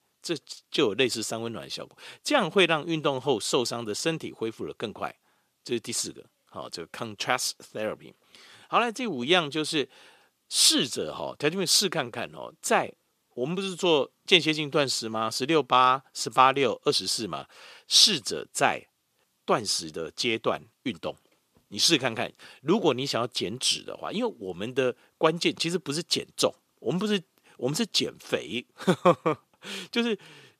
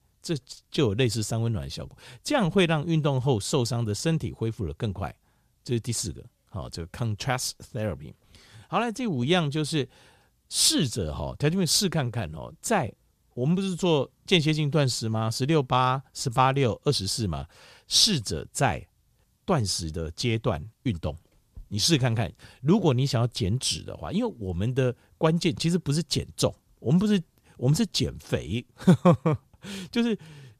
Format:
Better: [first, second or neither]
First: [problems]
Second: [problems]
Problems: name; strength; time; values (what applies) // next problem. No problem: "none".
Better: second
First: thin; somewhat; fading below 350 Hz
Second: none